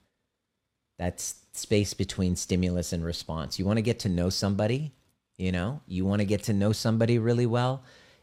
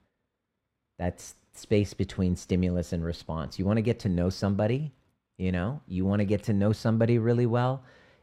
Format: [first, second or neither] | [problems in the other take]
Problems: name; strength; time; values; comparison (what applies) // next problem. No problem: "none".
first | muffled; slightly; fading above 3 kHz